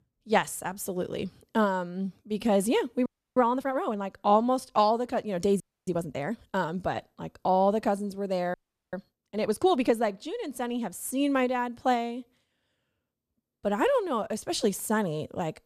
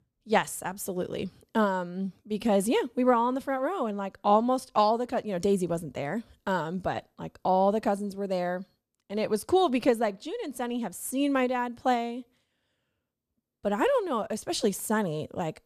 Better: second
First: audio freezing; at 3 s, at 5.5 s and at 8.5 s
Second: none

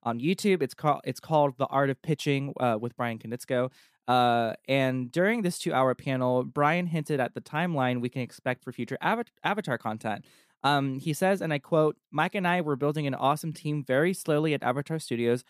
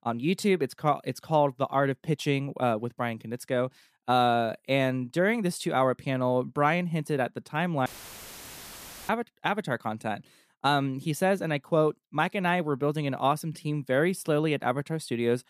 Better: first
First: none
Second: audio cutting out; filled with static; at 8 s for 1 s

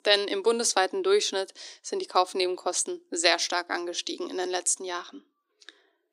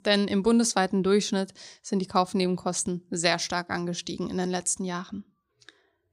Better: second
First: thin; very; fading below 300 Hz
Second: none

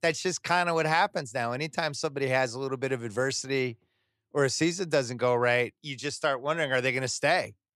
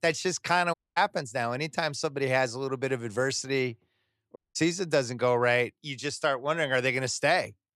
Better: first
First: none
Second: audio cutting out; at 0.5 s and at 4.5 s

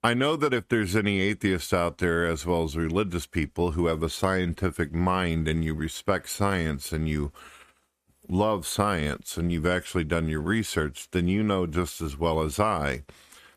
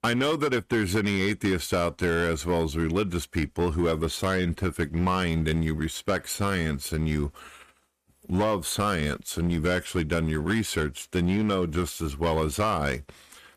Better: first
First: none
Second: distortion; slight; 7% of the sound clipped

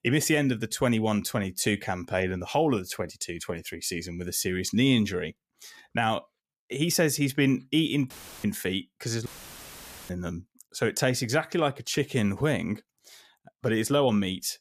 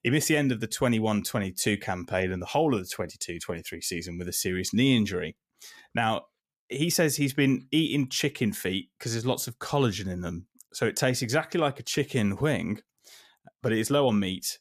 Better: second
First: audio cutting out; filled with static; at 8 s and at 9.5 s for 1 s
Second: none

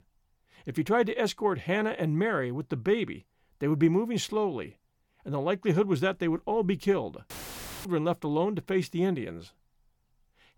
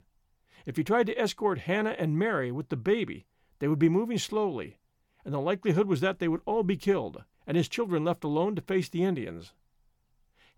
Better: second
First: audio cutting out; filled with static; at 7.5 s for 0.5 s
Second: none

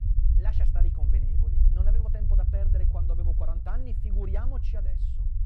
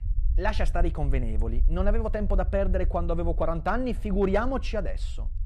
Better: second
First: low rumble; loud; throughout; 1 dB below the speech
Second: low rumble; faint; throughout; 25 dB below the speech

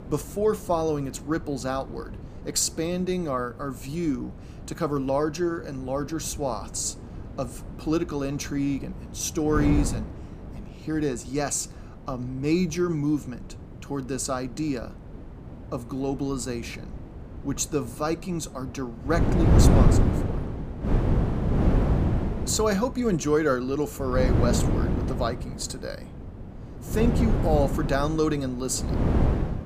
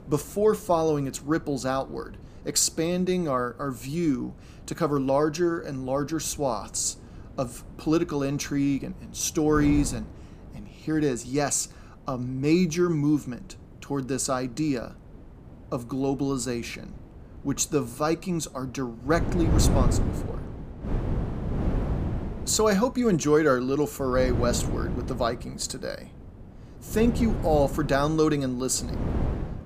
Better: second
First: wind noise on the microphone; heavy; 4 dB below the speech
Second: wind noise on the microphone; occasional gusts; 10 dB below the speech

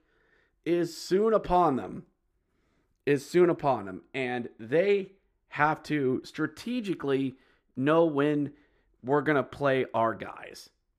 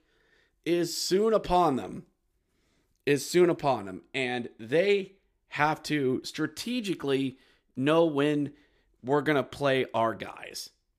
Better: second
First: muffled; slightly; fading above 2.5 kHz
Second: none

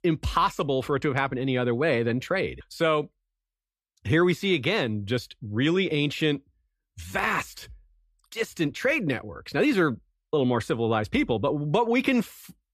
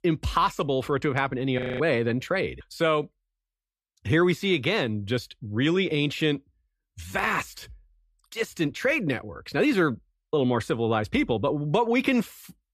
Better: first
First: none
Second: audio freezing; at 1.5 s

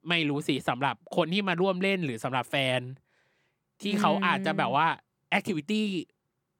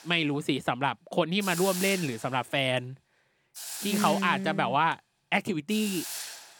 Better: first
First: none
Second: hiss; loud; throughout; 8 dB below the speech

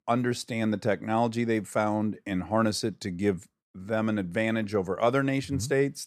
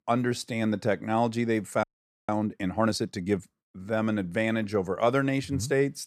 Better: first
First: none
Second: audio freezing; at 2 s

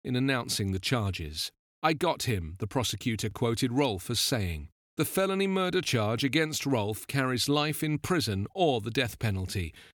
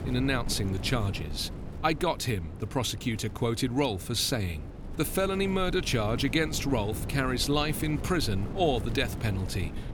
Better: first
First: none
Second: wind noise on the microphone; occasional gusts; 15 dB below the speech

